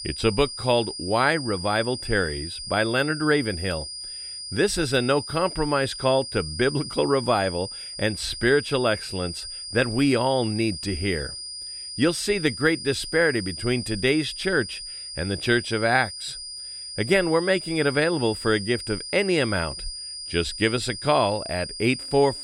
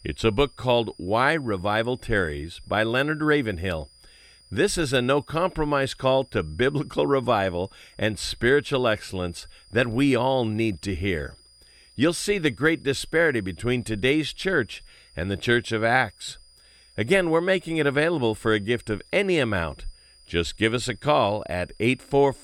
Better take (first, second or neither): second